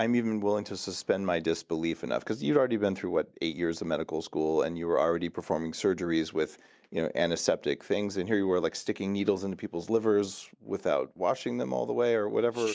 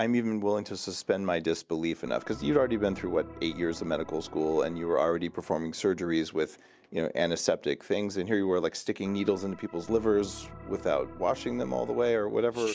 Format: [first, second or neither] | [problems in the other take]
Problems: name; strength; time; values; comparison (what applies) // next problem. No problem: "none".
first | background sound (Organ + Piano); 19 dB below the speech